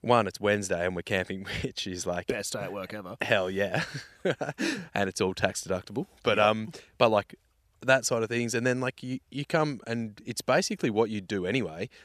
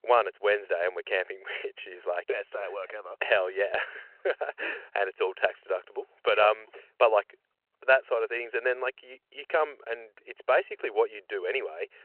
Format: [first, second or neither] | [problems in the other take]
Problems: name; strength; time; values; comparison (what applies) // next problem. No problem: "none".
first | phone-call audio